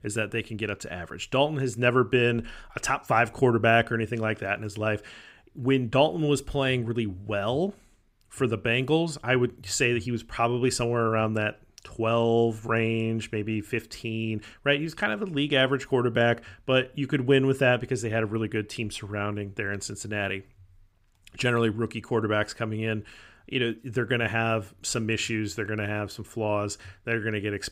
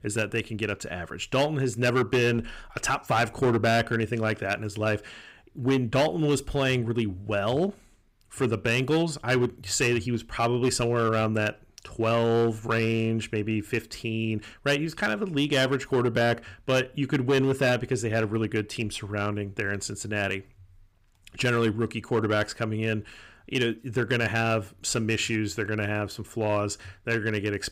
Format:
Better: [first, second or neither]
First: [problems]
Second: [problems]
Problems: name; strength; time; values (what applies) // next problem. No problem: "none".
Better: first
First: none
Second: distortion; slight; 5% of the sound clipped